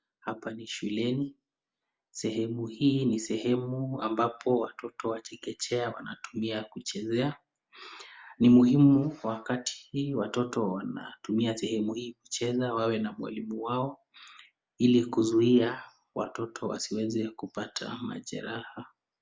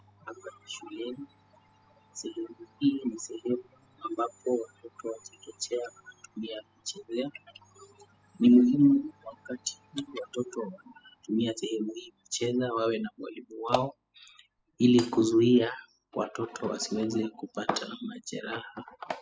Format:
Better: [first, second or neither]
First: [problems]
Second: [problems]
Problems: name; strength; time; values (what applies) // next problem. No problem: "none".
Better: first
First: none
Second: noise reduction (classical method spectral subtraction)